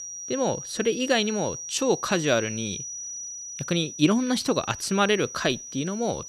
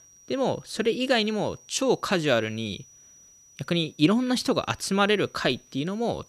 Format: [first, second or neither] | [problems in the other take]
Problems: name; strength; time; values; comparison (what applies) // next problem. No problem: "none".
second | high-pitched whine; loud; throughout; 6 kHz, 9 dB below the speech; faint in the second